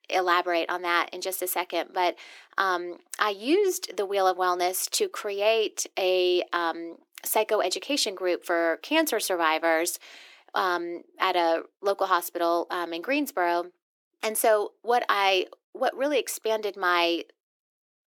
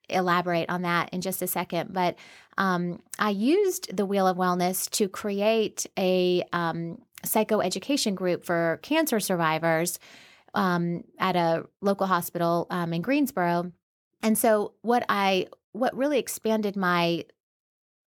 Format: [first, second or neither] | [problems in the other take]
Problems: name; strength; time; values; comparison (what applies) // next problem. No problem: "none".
second | thin; somewhat; fading below 300 Hz